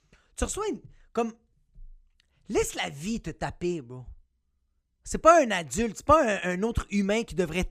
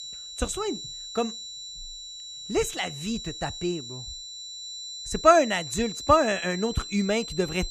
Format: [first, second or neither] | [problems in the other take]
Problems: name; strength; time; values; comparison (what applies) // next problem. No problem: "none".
first | high-pitched whine; loud; throughout; 4 kHz, 10 dB below the speech